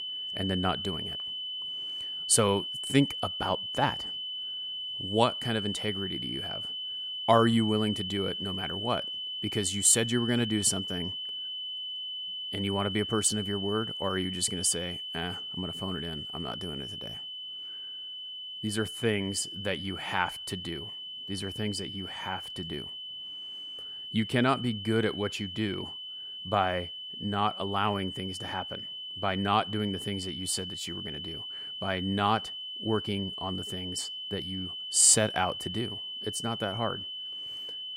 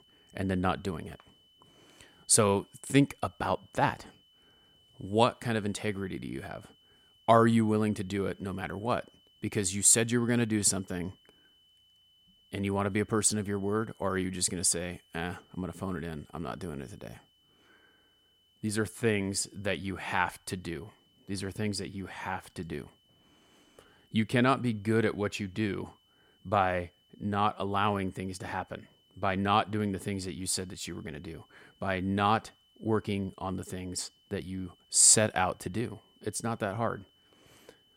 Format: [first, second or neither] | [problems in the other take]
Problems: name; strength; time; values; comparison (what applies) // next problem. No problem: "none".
second | high-pitched whine; loud; throughout; 3 kHz, 5 dB below the speech; faint in the second